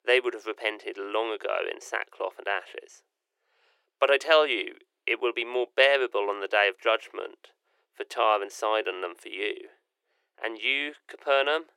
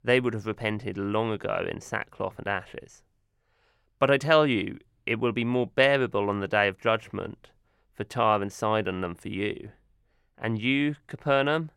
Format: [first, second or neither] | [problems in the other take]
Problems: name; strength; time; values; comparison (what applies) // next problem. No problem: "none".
second | thin; very; fading below 350 Hz